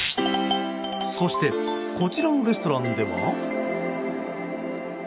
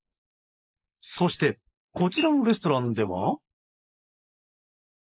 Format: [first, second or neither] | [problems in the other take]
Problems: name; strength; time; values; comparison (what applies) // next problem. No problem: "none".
first | noise reduction (neural mask model Resemble Enhance denoiser)